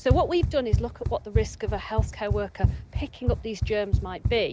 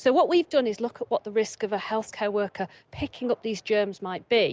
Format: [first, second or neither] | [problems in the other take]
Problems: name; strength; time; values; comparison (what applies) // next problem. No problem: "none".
second | background sound (Run); 1 dB above the speech